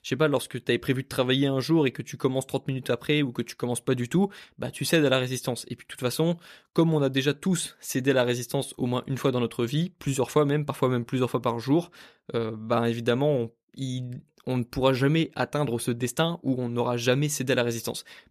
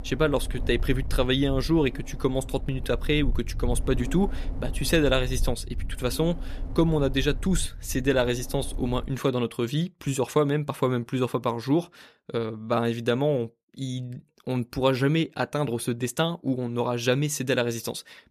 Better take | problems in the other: first | wind noise on the microphone; occasional gusts; until 9 s; 20 dB below the speech

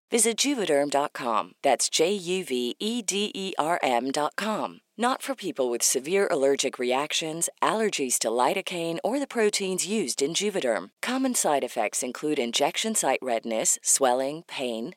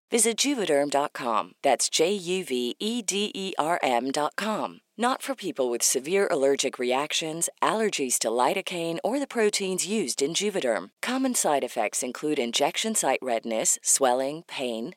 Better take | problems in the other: neither | thin; somewhat; fading below 450 Hz; the same in both

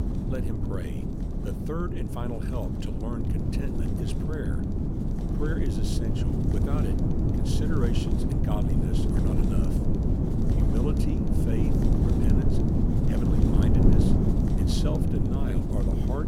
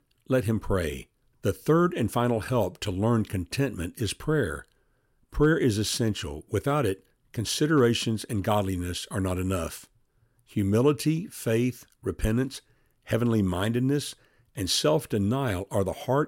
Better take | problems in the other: second | wind noise on the microphone; heavy; 5 dB above the speech

